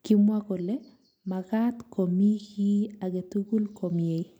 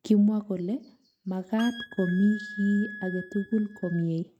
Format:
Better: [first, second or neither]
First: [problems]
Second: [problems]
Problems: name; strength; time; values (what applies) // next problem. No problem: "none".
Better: first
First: none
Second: noise reduction (neural mask model RNNoise)